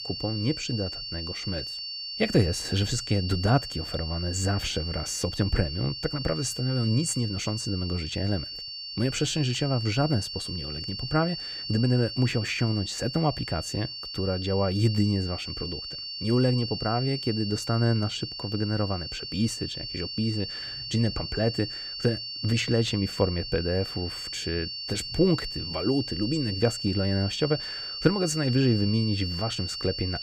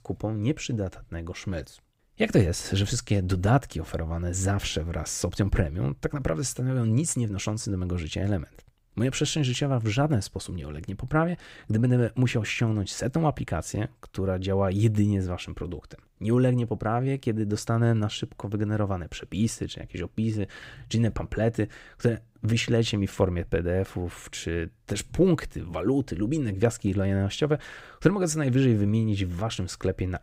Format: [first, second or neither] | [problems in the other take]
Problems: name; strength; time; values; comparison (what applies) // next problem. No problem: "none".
second | high-pitched whine; loud; throughout; 4.5 kHz, 5 dB below the speech